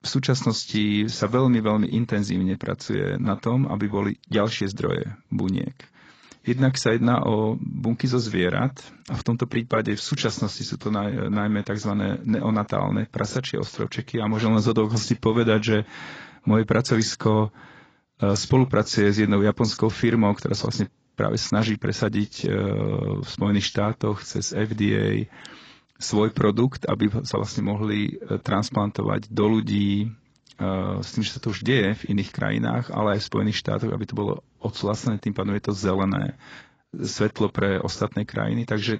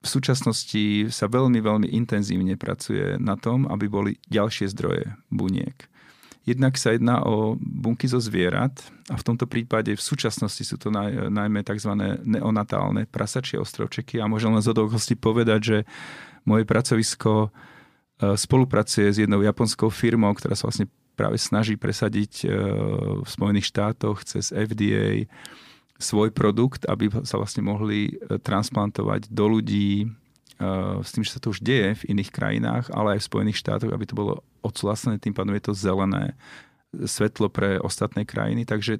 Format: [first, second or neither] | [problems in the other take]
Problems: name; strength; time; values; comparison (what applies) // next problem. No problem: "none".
second | garbled, watery; badly; nothing above 7.5 kHz